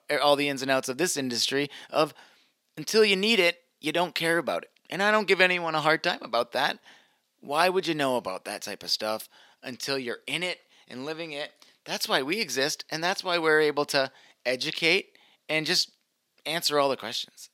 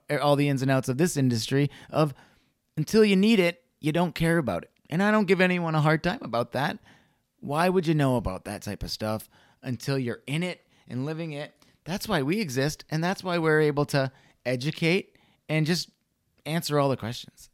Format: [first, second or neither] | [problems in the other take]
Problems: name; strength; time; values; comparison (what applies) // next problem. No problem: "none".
second | thin; somewhat; fading below 400 Hz